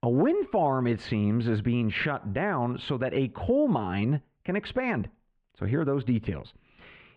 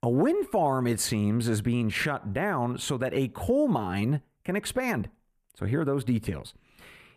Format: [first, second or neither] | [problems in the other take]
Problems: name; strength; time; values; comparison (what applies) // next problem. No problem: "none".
second | muffled; slightly; fading above 3 kHz